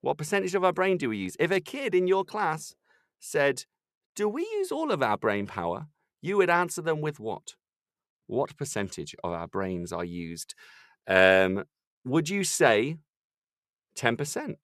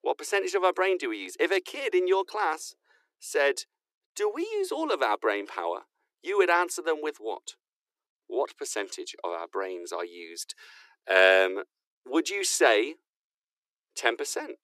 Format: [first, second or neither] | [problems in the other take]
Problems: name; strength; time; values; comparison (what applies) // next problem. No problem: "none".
first | thin; very; fading below 300 Hz